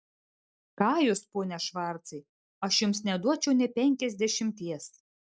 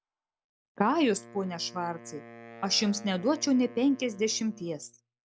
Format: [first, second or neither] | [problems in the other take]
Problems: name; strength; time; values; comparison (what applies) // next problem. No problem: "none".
first | background sound (Wind instrument, woodwind instrument); 20 dB below the speech